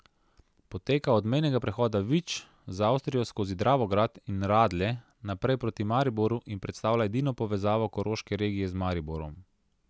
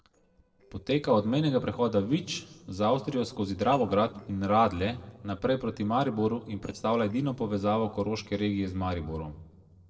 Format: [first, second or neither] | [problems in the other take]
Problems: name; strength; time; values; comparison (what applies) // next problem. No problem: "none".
first | noise reduction (neural separator model SepFormer DNS4)